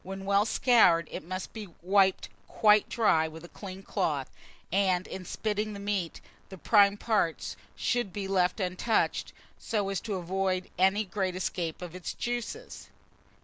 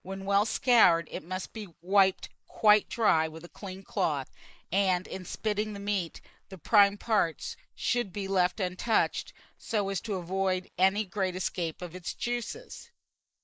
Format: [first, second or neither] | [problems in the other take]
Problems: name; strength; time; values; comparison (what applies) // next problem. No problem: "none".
first | noise reduction (neural mask model Resemble Enhance denoiser)